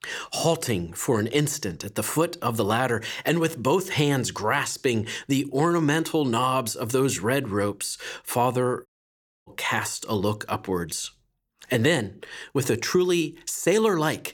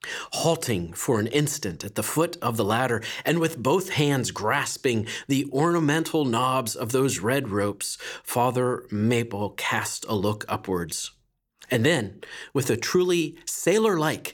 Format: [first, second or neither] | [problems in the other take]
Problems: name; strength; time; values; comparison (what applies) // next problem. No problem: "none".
second | audio cutting out; at 9 s for 0.5 s